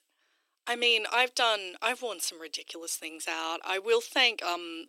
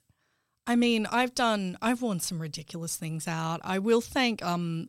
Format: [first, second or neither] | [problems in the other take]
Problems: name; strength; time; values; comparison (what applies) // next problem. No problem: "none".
second | thin; very; fading below 300 Hz